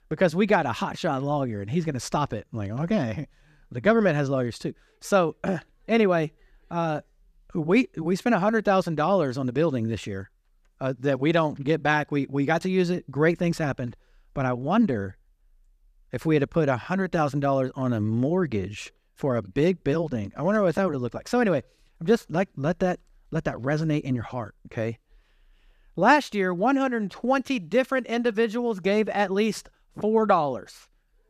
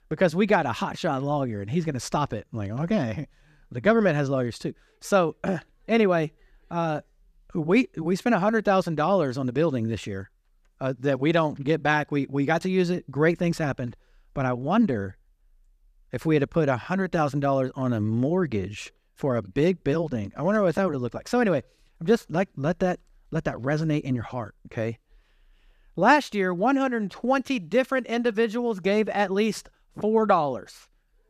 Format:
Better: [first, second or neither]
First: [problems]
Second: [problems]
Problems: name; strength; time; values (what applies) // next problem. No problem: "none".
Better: neither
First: none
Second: none